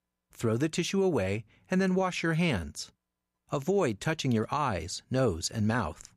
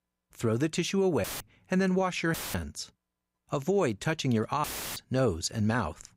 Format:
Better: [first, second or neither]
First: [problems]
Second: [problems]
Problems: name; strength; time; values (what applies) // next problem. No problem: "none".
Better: first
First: none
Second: audio cutting out; filled with static; at 1 s, at 2.5 s and at 4.5 s